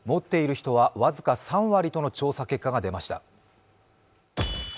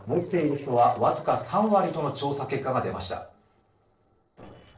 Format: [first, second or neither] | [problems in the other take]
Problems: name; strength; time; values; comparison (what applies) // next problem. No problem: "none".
first | noise reduction (neural separator model SepFormer DNS4)